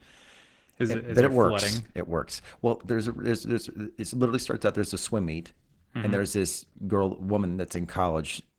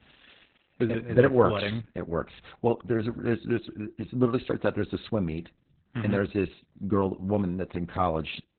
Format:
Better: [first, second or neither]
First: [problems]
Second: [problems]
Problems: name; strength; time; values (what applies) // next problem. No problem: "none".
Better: first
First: garbled, watery; slightly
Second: garbled, watery; badly; nothing above 4 kHz